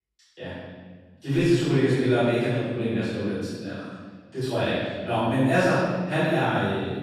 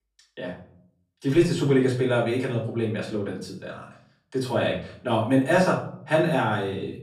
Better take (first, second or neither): second